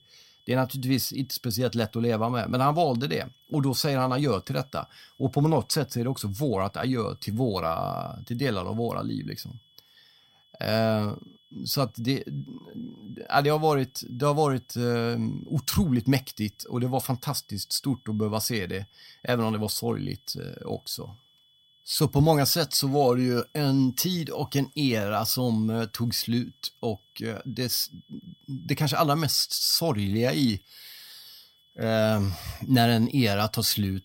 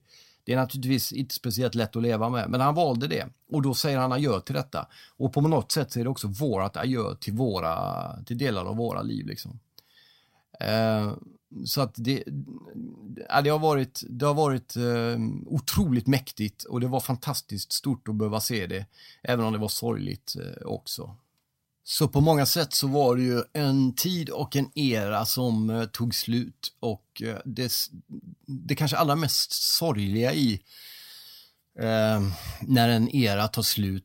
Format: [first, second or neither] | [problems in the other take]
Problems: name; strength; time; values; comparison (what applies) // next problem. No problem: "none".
second | high-pitched whine; faint; throughout; 3.5 kHz, 35 dB below the speech